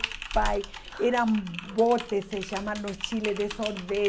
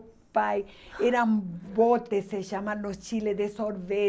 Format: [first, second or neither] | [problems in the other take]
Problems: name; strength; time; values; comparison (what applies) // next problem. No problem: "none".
second | background sound (Typing); 8 dB below the speech